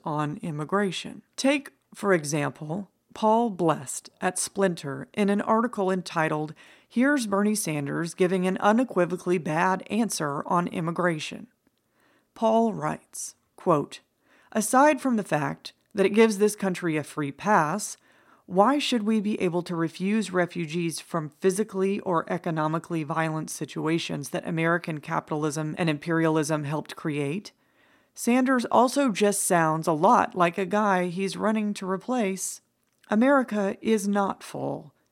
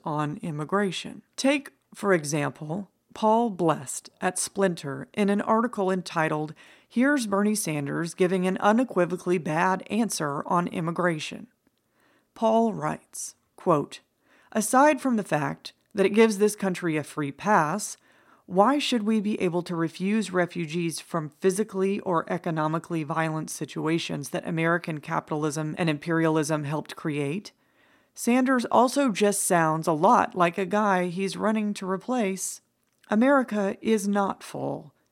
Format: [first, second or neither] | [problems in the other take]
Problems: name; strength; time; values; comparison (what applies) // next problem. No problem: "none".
neither | none